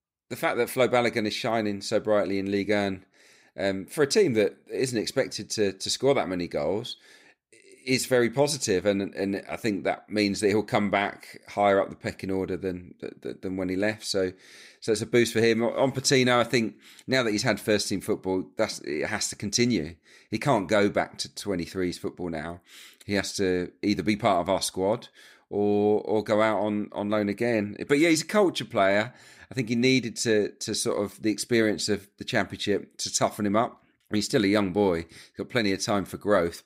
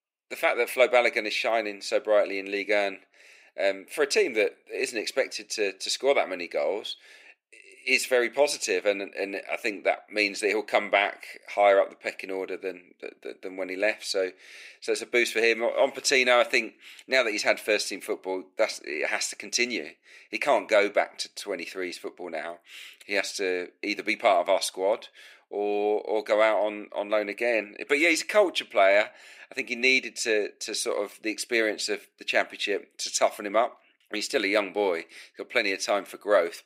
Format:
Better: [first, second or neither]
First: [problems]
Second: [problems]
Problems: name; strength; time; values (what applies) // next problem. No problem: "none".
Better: first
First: none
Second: thin; somewhat; fading below 350 Hz